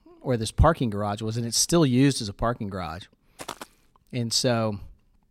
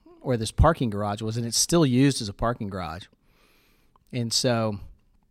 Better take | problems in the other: second | footsteps; faint; at 3.5 s; peak 15 dB below the speech

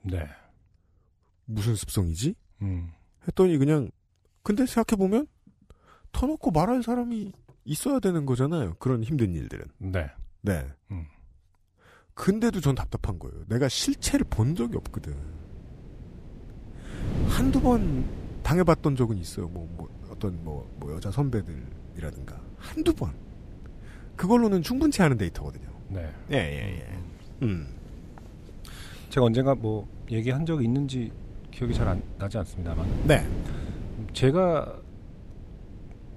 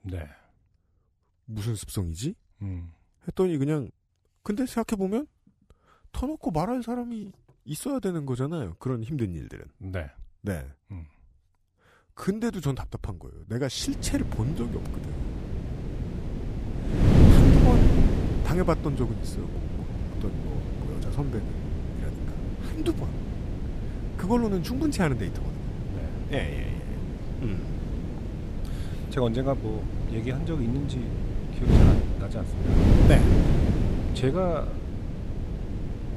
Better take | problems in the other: first | wind noise on the microphone; heavy; from 14 s on; 2 dB below the speech; occasional gusts in the first

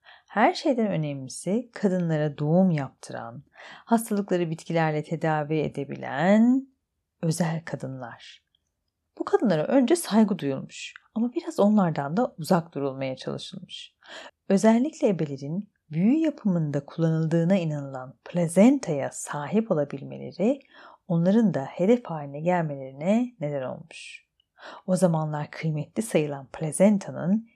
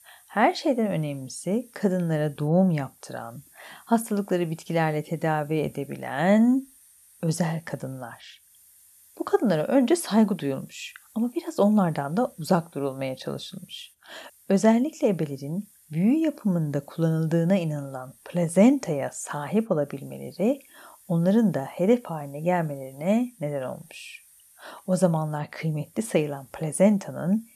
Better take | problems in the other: first | hiss; faint; throughout; 30 dB below the speech

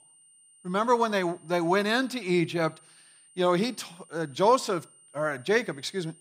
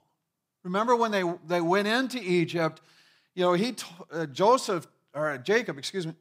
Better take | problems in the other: second | high-pitched whine; faint; throughout; 9 kHz, 25 dB below the speech

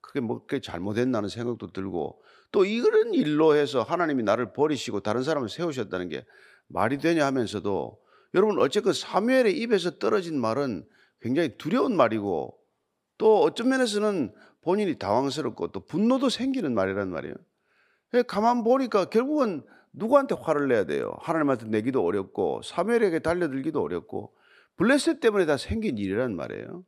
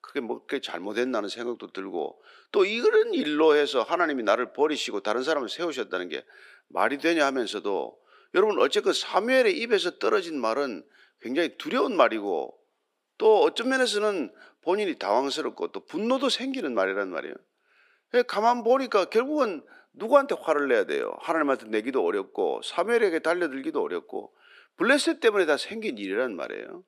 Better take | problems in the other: first | thin; very slightly; fading below 300 Hz

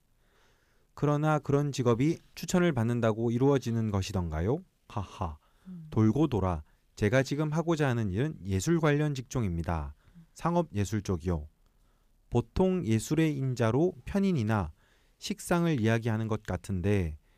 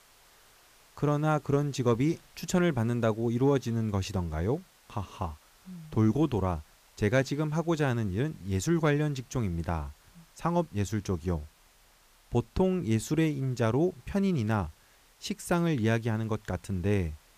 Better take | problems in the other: first | hiss; faint; throughout; 30 dB below the speech

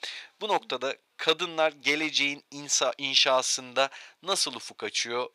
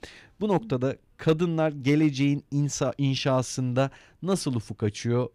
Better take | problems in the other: second | thin; very; fading below 800 Hz

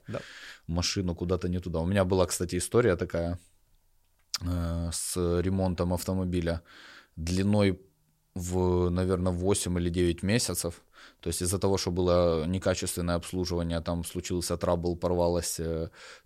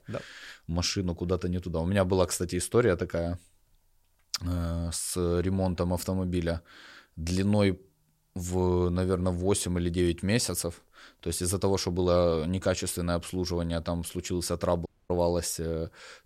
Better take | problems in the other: first | audio cutting out; at 15 s

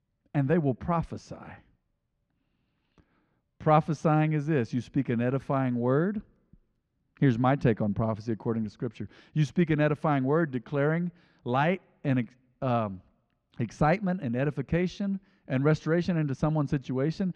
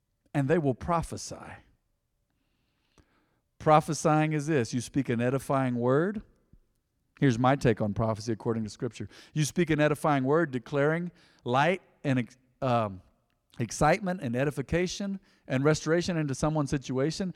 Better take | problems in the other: second | muffled; slightly; fading above 3 kHz

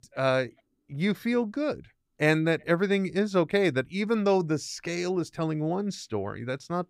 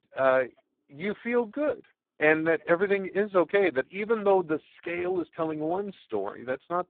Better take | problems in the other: first | phone-call audio; poor line; nothing above 3.5 kHz

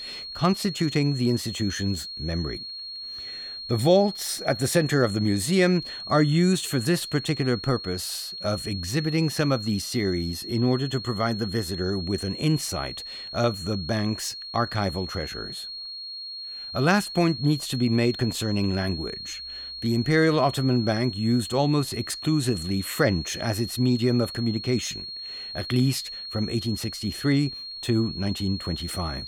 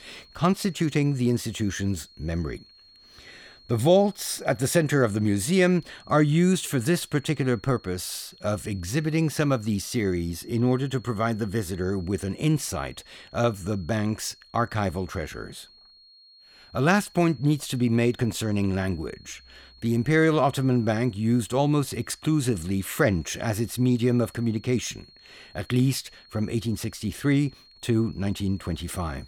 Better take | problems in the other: second | high-pitched whine; loud; throughout; 4.5 kHz, 9 dB below the speech; faint in the second

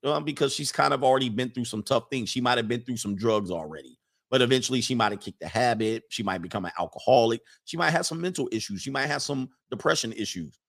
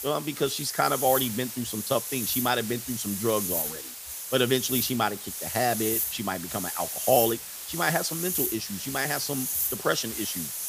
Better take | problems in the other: first | hiss; loud; throughout; 2 dB below the speech

